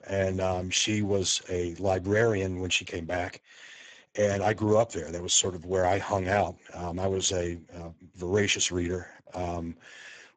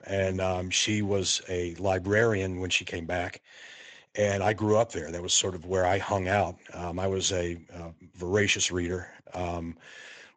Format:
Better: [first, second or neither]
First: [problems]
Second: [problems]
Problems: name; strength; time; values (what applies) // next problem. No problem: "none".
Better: second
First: garbled, watery; badly; nothing above 7.5 kHz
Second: garbled, watery; slightly; nothing above 7.5 kHz